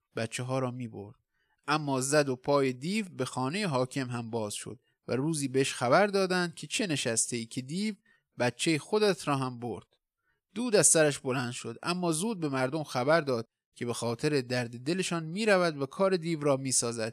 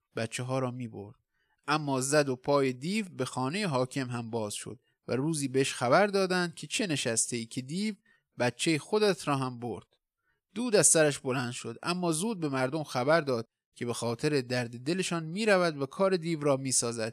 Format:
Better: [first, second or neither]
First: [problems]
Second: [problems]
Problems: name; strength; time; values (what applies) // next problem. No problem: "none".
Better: neither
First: none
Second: none